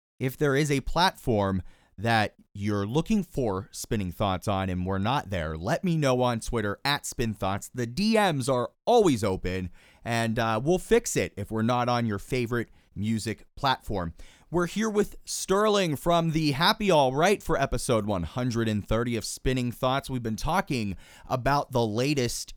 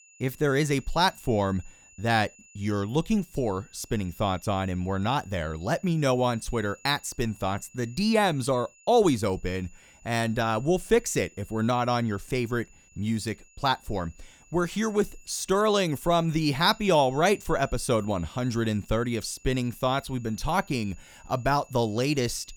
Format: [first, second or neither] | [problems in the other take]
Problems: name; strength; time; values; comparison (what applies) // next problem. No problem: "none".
first | high-pitched whine; faint; throughout; 7 kHz, 25 dB below the speech